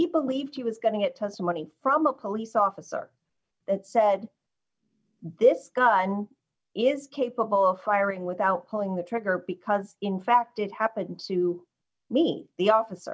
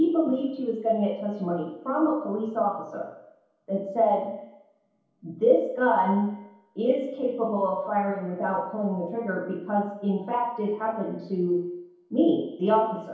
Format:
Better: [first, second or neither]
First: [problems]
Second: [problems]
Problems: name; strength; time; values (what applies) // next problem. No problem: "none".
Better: first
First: none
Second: room echo; dies away in 2.2 s